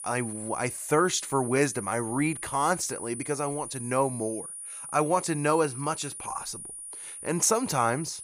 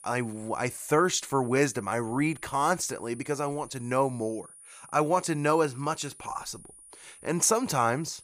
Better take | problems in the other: second | high-pitched whine; loud; throughout; 9.5 kHz, 9 dB below the speech; faint in the second

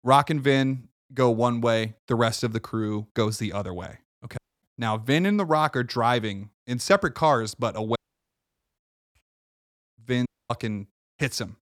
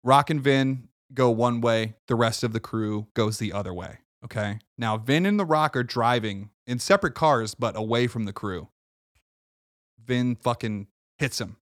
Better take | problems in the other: second | audio cutting out; at 4.5 s, at 8 s for 1 s and at 10 s

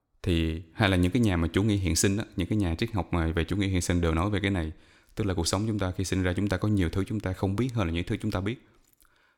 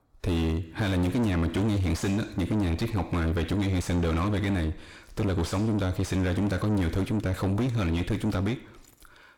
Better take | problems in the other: first | distortion; heavy; 5 dB below the speech

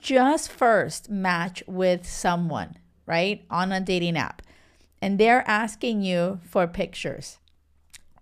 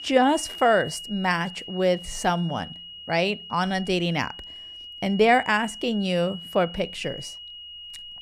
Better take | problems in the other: first | high-pitched whine; noticeable; throughout; 3 kHz, 15 dB below the speech

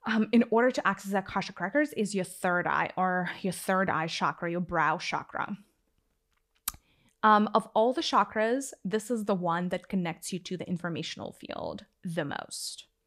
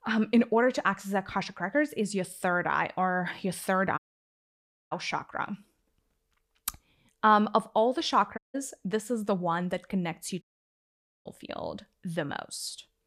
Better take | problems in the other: first | audio cutting out; at 4 s for 1 s, at 8.5 s and at 10 s for 1 s

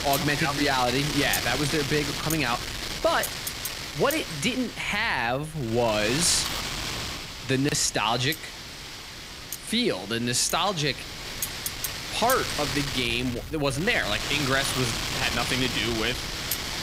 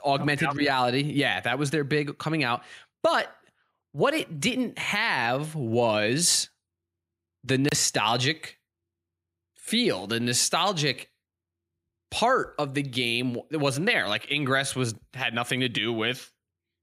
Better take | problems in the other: second | wind noise on the microphone; heavy; 5 dB below the speech

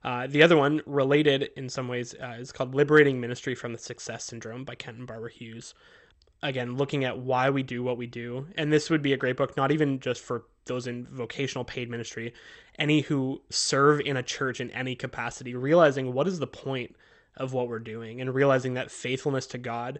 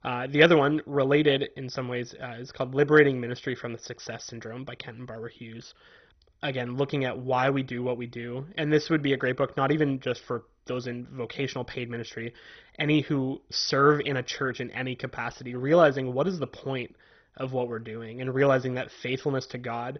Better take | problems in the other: first | garbled, watery; badly; nothing above 6 kHz; slightly in the first

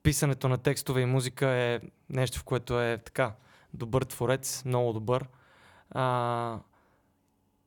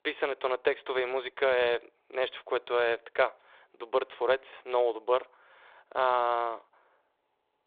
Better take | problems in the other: first | phone-call audio

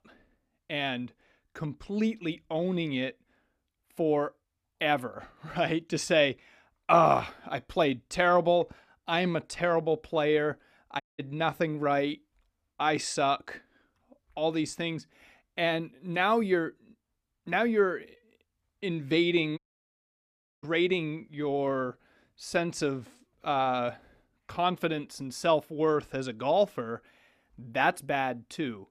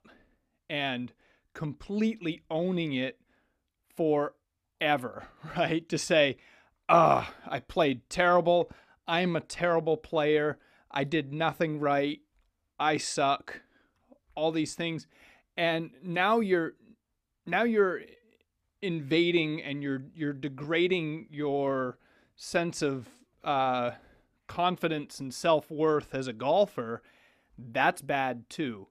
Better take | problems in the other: second | audio cutting out; at 11 s and at 20 s for 1 s

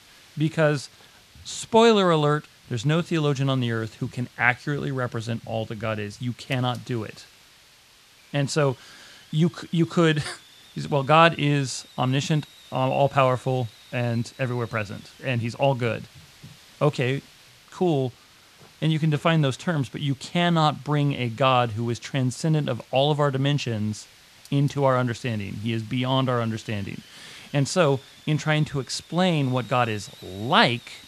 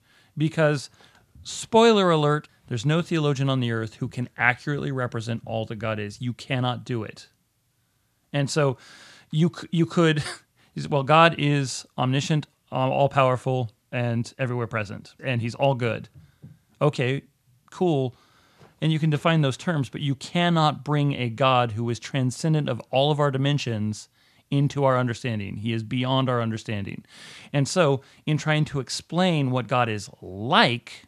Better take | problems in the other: second | hiss; faint; throughout; 25 dB below the speech

